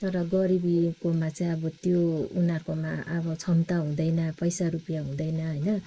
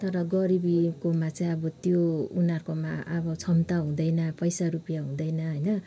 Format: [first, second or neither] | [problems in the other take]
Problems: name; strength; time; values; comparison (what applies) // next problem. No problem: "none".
second | noise reduction (neural mask model Resemble Enhance denoiser)